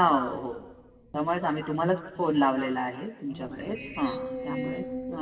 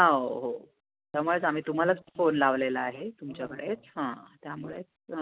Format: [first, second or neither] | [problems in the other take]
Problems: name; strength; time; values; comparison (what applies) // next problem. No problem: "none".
second | background sound (Screech); 11 dB below the speech // room echo; dies away in 1.4 s